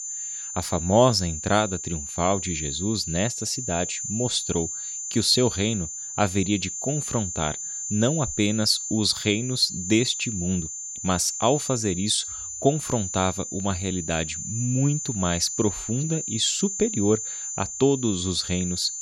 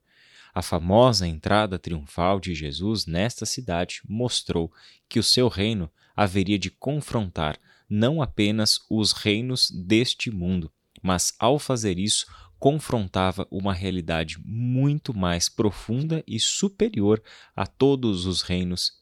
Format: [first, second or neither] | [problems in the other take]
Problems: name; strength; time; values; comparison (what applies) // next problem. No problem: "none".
second | high-pitched whine; loud; throughout; 7 kHz, 5 dB below the speech